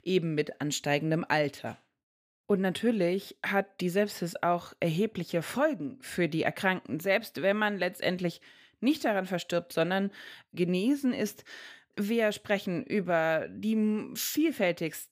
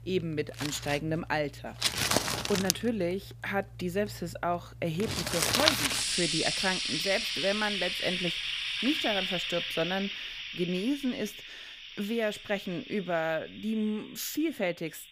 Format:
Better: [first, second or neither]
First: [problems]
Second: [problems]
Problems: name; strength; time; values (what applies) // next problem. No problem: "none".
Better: first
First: none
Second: household noises; very loud; throughout; 3 dB above the speech